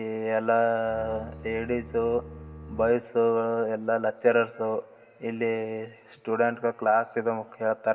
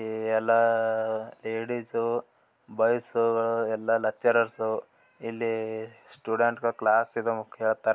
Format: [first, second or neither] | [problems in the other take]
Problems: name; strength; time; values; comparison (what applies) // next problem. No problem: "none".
second | background sound (Bowed string instrument); 16 dB below the speech // room echo; dies away in 1.6 s